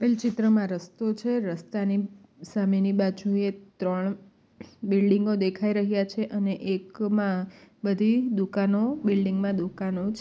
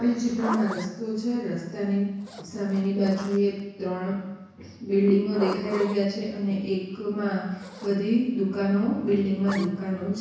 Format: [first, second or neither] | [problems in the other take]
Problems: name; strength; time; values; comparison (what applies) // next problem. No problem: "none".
first | background sound (Zipper (clothing)); 15 dB below the speech // room echo; dies away in 1.1 s